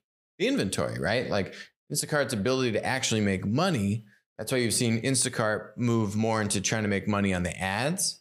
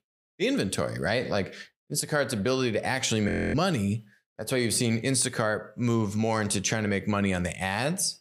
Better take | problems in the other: first | audio freezing; at 3.5 s

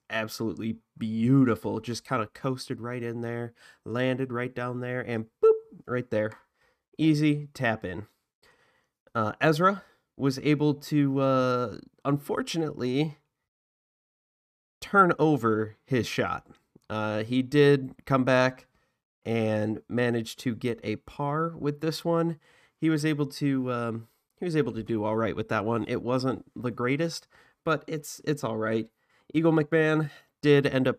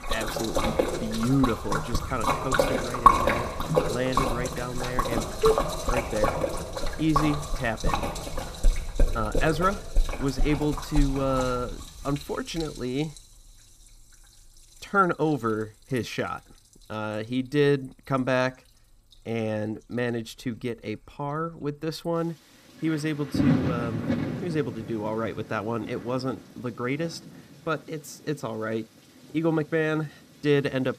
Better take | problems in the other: first | rain or running water; very loud; throughout; 1 dB above the speech

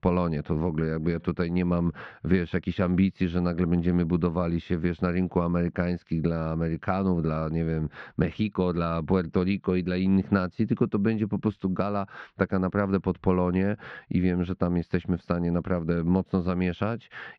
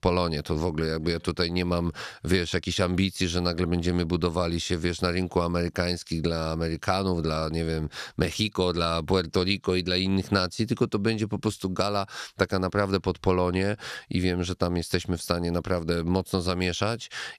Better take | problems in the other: second | muffled; very; fading above 2.5 kHz

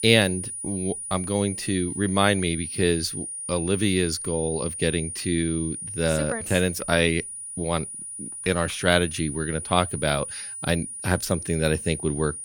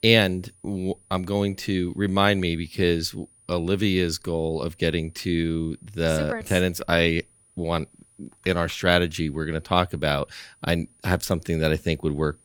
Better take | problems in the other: second | high-pitched whine; loud; throughout; 9.5 kHz, 7 dB below the speech; faint in the second

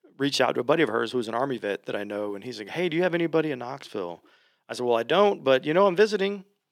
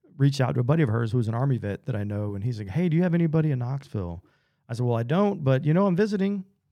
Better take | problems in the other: second | thin; very; fading below 350 Hz

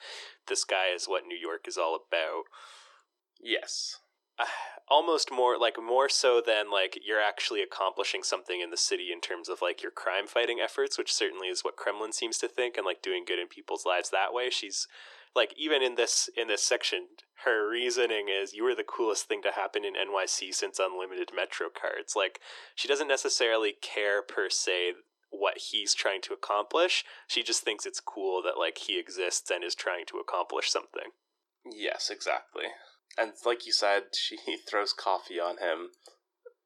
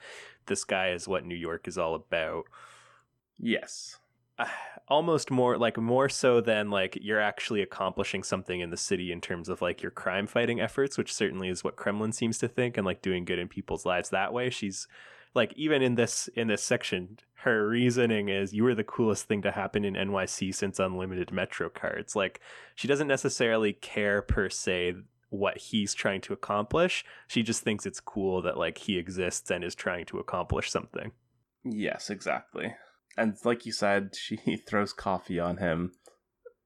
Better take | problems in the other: second | thin; very; fading below 350 Hz

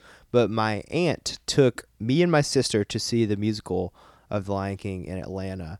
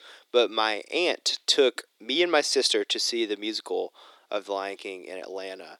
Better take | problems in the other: first | thin; very; fading below 350 Hz

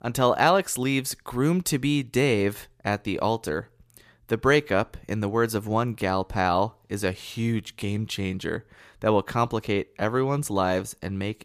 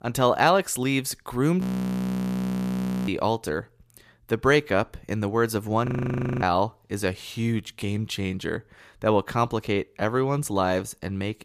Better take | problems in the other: first | audio freezing; at 1.5 s for 1.5 s and at 6 s for 0.5 s

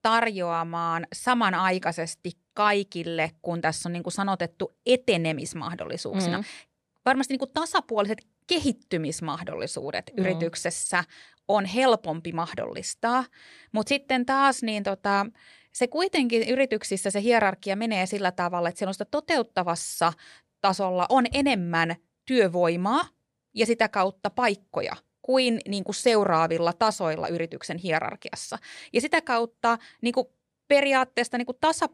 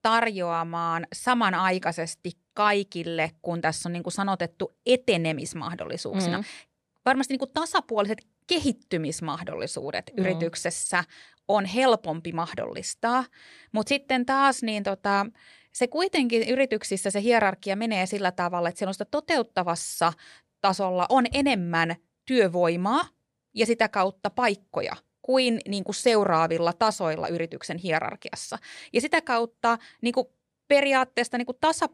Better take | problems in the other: neither | none

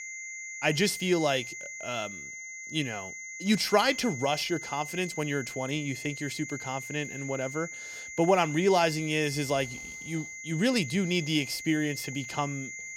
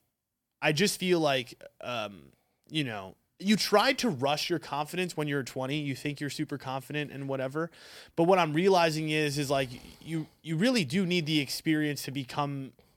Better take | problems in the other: second | high-pitched whine; loud; throughout; 2 kHz, 9 dB below the speech

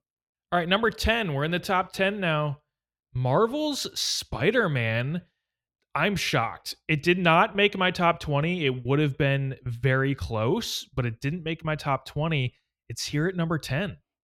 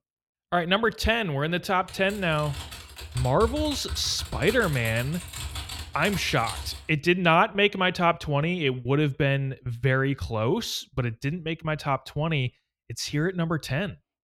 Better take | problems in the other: first | keyboard typing; noticeable; from 2 to 7 s; peak 8 dB below the speech

